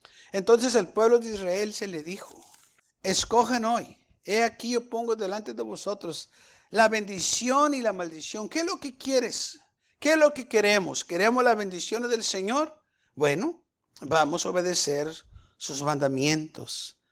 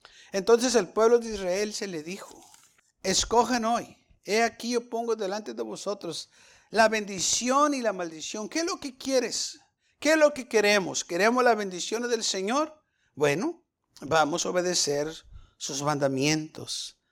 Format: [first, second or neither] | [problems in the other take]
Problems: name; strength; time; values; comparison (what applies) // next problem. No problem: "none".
second | garbled, watery; slightly; nothing above 15.5 kHz